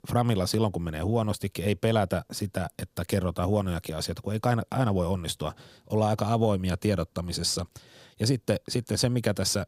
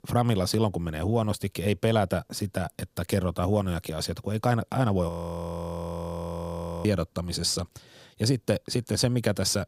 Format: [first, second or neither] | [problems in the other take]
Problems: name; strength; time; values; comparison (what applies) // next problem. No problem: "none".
first | audio freezing; at 5 s for 2 s